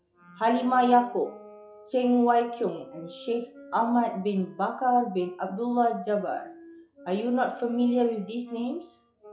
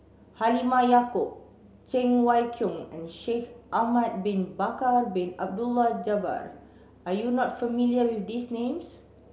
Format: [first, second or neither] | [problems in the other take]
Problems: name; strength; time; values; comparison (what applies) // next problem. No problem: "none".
second | noise reduction (classical method log-MMSE)